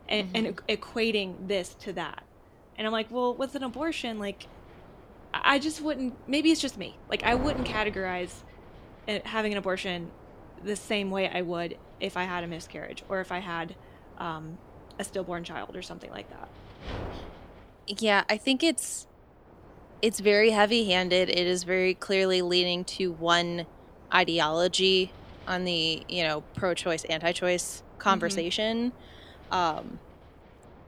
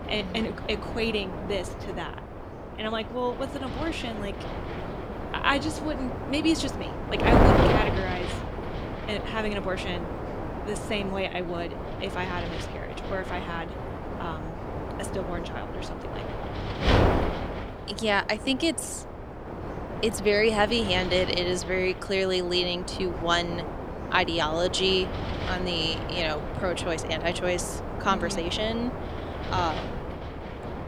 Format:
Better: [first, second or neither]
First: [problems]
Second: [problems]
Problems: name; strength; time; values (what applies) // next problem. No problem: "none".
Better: first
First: wind noise on the microphone; occasional gusts; 20 dB below the speech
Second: wind noise on the microphone; heavy; 5 dB below the speech